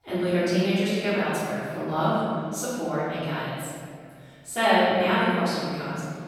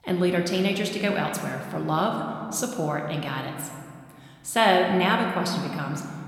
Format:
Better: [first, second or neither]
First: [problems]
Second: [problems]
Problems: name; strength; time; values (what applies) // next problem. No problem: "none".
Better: second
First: room echo; strong; dies away in 2 s // off-mic speech; far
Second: room echo; slight; dies away in 1.9 s